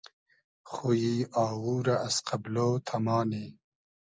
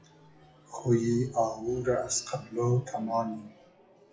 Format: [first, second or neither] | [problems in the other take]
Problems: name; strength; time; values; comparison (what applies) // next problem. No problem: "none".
first | noise reduction (classical method WPE with log-MMSE)